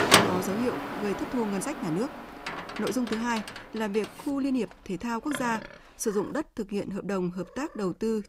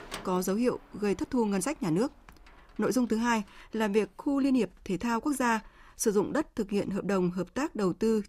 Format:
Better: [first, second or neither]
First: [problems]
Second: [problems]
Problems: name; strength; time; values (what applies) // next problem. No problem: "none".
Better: second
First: animal sounds; loud; throughout; as loud as the speech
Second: animal sounds; faint; throughout; 25 dB below the speech